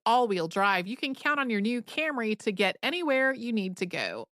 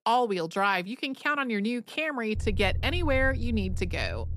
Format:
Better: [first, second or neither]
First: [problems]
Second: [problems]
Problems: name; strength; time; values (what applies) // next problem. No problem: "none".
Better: first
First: none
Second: low rumble; faint; from 2.5 s on; 25 dB below the speech